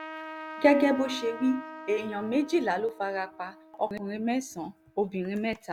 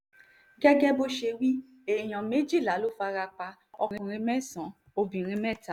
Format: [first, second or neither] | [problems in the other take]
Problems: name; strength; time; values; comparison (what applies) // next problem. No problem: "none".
second | background sound (Trumpet); 15 dB below the speech